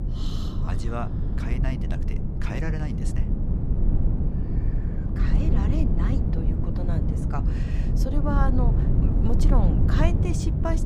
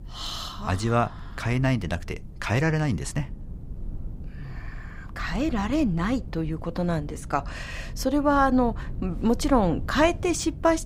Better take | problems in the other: second | low rumble; loud; throughout; 2 dB below the speech; faint in the second

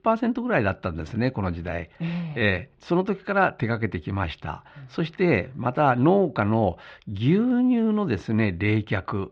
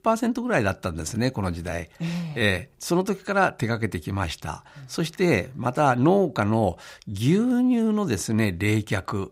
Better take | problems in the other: second | muffled; slightly; fading above 3.5 kHz

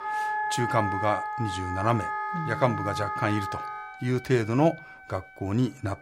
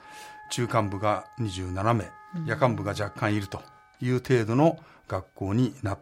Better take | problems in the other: second | background music; loud; throughout; 4 dB below the speech; faint in the second

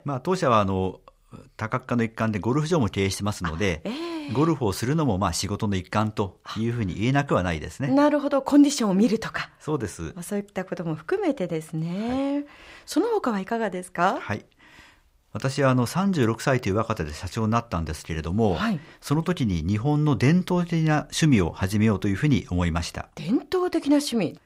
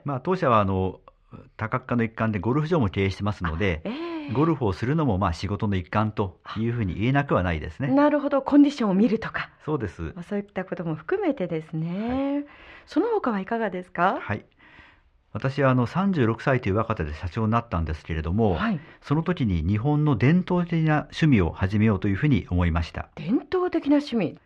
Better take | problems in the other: first | muffled; slightly; fading above 2.5 kHz

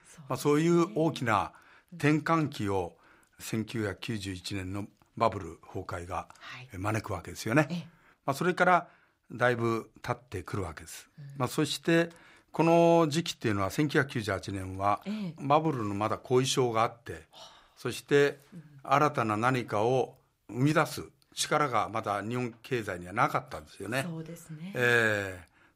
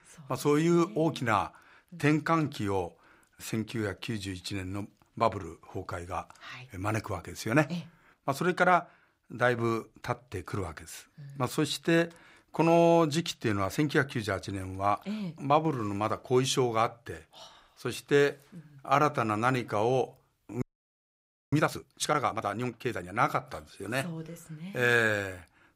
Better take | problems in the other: first | audio freezing; at 21 s for 1 s

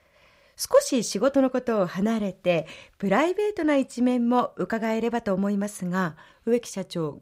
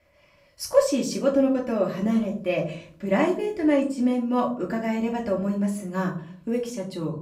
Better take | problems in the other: first | off-mic speech; far // room echo; slight; dies away in 0.4 s

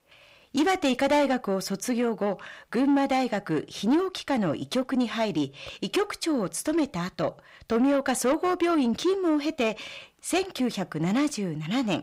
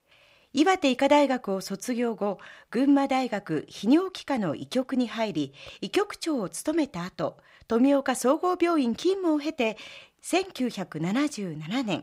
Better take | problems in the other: second | distortion; slight; 10 dB below the speech

